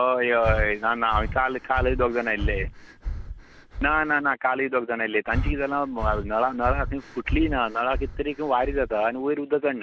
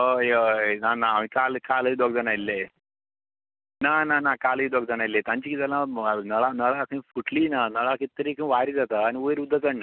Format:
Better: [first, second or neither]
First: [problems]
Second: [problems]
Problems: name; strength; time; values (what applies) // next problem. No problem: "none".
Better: second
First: background sound (Breathing); 6 dB below the speech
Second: none